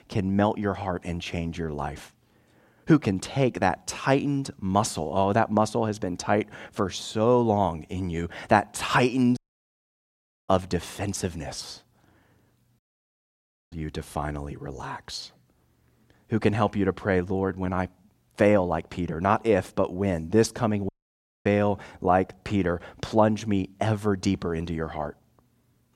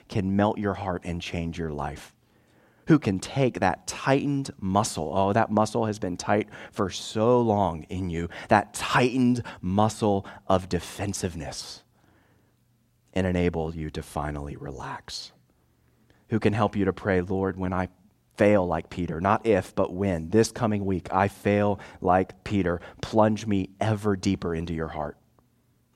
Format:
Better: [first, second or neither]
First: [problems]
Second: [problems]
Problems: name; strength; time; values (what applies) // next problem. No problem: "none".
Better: second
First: audio cutting out; at 9.5 s for 1 s, at 13 s for 1 s and at 21 s for 0.5 s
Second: none